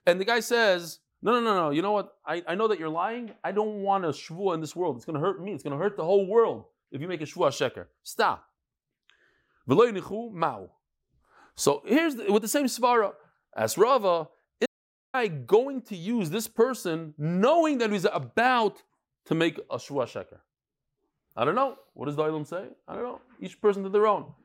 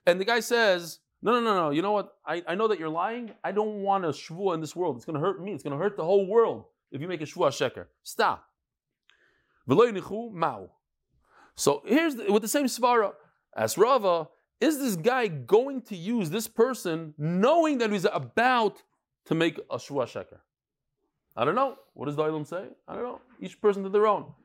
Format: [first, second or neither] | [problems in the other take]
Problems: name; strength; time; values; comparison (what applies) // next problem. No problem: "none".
second | audio cutting out; at 15 s